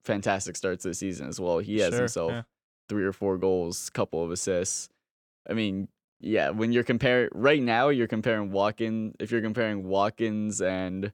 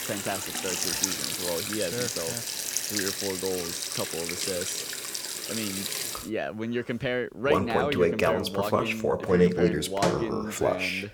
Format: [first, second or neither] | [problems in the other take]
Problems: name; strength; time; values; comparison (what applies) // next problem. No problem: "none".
first | household noises; very loud; throughout; 5 dB above the speech